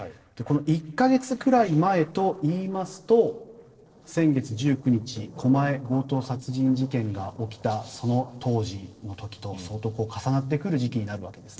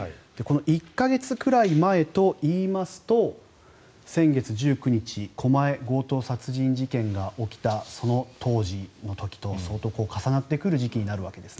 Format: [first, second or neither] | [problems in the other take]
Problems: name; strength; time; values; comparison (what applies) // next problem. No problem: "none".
second | noise reduction (neural separator model SepFormer DNS4)